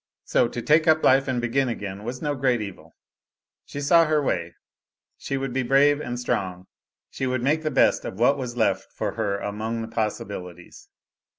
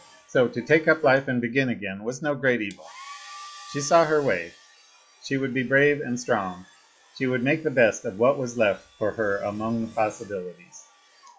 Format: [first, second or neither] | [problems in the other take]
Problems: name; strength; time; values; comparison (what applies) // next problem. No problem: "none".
first | noise reduction (classical method log-MMSE)